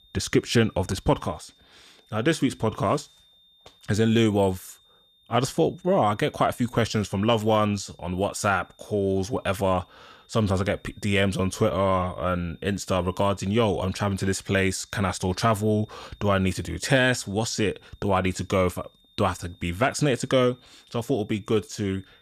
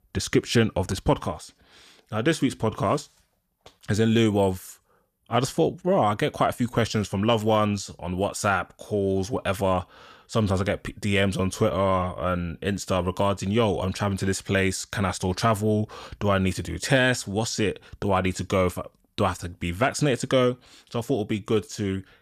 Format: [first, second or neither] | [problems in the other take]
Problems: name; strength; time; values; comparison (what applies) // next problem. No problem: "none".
second | high-pitched whine; faint; throughout; 3.5 kHz, 30 dB below the speech